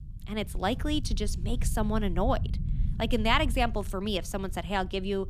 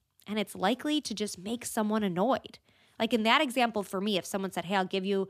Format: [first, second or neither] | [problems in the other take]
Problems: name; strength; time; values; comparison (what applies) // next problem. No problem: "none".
second | low rumble; noticeable; throughout; 20 dB below the speech